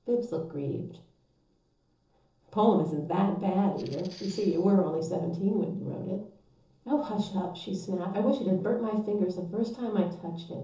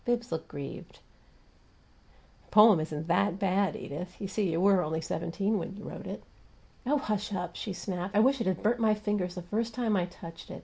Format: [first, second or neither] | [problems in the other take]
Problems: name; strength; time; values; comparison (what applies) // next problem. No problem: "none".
second | noise reduction (neural separator model SepFormer DNS4)